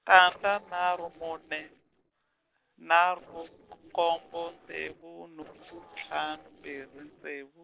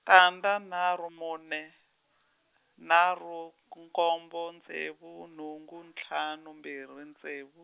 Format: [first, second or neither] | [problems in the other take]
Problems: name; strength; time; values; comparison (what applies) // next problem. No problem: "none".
second | noise reduction (neural separator model SepFormer DNS4)